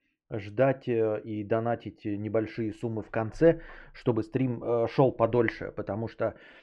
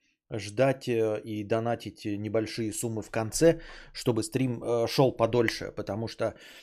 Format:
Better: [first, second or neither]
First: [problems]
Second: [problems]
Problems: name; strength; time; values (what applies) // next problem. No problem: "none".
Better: second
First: muffled; very; fading above 1.5 kHz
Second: none